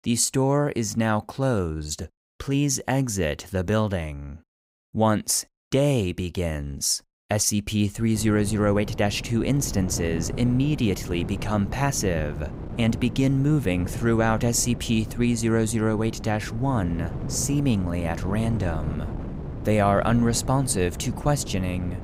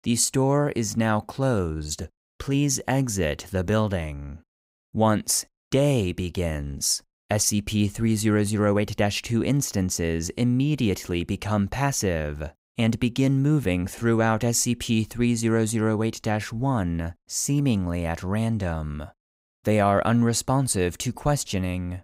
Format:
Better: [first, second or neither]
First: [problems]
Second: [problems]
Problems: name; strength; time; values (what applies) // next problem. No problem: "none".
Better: second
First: wind noise on the microphone; occasional gusts; from 8 s on; 15 dB below the speech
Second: none